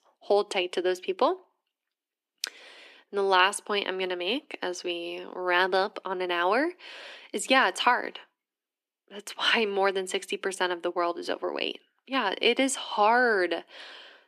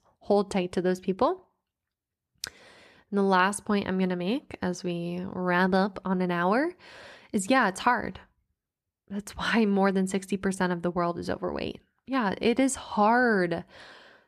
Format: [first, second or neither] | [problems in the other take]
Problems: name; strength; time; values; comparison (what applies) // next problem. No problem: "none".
second | thin; somewhat; fading below 300 Hz